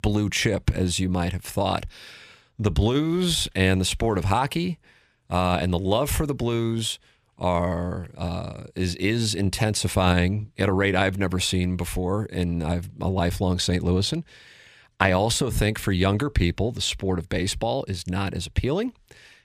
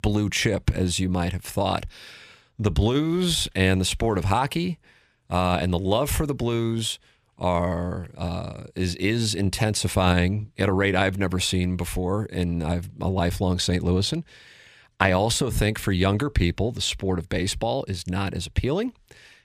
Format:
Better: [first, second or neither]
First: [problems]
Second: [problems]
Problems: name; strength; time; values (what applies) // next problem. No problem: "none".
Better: neither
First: none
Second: none